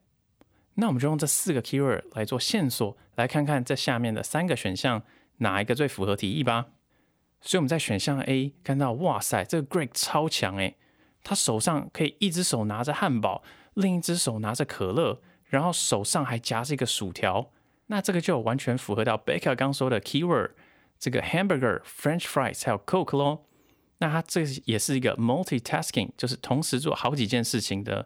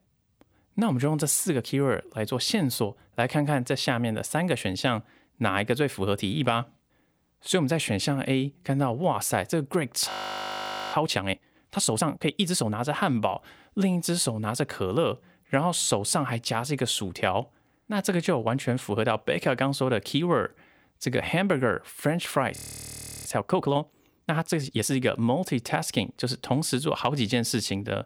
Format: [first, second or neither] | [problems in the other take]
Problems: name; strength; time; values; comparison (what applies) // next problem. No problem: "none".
first | audio freezing; at 10 s for 1 s and at 23 s for 0.5 s